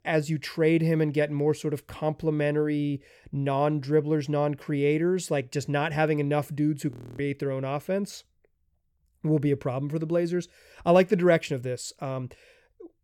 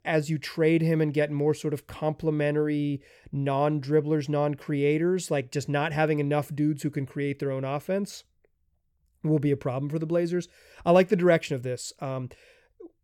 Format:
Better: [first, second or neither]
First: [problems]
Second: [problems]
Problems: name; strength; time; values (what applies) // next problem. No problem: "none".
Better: second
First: audio freezing; at 7 s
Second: none